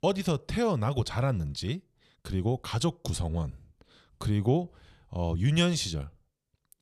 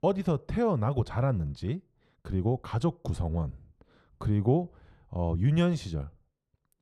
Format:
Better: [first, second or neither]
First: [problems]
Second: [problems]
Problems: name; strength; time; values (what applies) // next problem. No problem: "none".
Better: first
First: none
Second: muffled; slightly; fading above 2 kHz